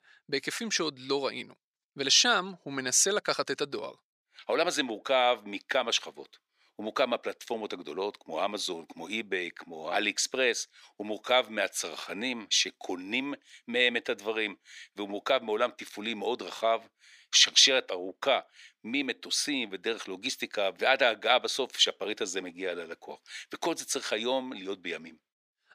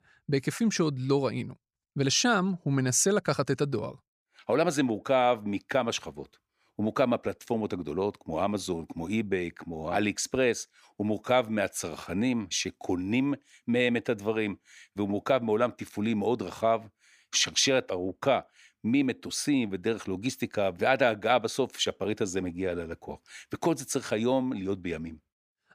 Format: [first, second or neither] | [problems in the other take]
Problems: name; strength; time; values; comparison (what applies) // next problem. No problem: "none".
second | thin; somewhat; fading below 400 Hz